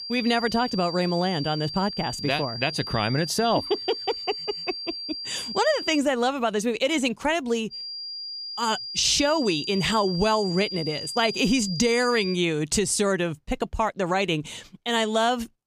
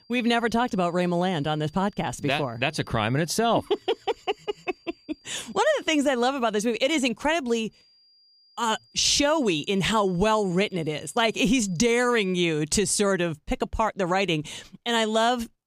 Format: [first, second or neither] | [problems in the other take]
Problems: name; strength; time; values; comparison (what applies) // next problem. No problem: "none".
second | high-pitched whine; loud; until 6 s and from 7.5 to 12 s; 4.5 kHz, 7 dB below the speech; faint in the second